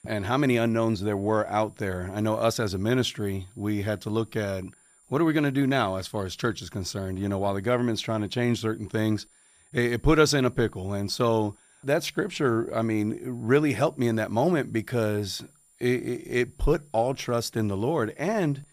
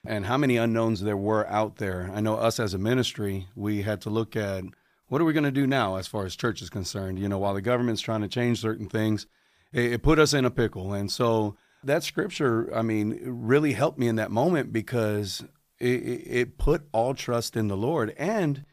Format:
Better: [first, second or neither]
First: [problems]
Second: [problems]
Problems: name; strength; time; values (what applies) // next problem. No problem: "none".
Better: second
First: high-pitched whine; faint; throughout; 9.5 kHz, 30 dB below the speech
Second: none